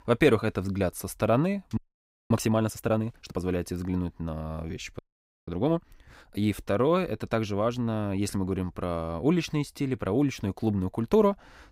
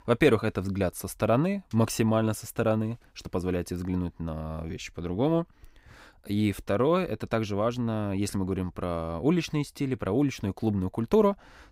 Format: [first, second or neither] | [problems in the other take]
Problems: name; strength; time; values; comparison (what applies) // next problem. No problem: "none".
second | audio freezing; at 2 s for 0.5 s and at 5 s